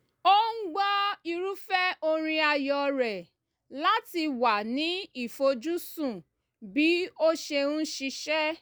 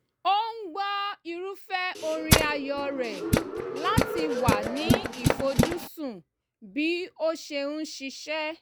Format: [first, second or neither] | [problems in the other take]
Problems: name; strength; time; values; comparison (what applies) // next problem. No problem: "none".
first | background sound (Tools); 5 dB above the speech